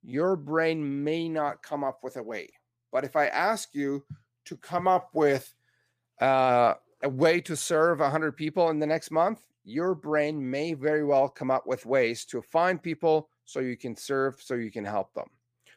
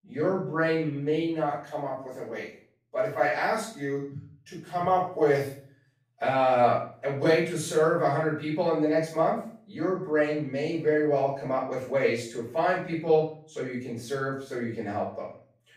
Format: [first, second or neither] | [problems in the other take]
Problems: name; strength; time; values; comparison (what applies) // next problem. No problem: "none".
first | off-mic speech; far // room echo; noticeable; dies away in 0.5 s